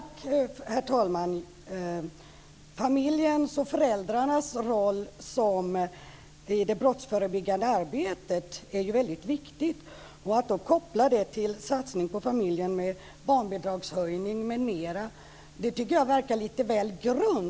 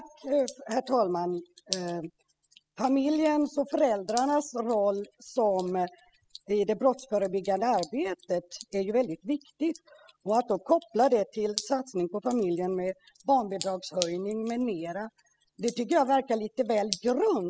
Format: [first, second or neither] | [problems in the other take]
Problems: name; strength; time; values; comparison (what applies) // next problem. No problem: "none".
first | noise reduction (classical method spectral subtraction)